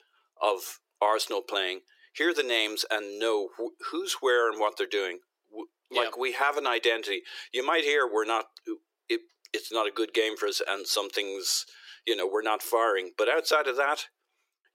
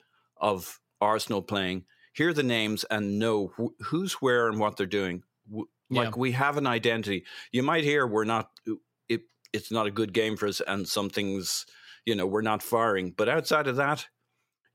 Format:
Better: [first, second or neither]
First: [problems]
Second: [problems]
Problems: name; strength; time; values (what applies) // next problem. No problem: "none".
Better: second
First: thin; very; fading below 350 Hz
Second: none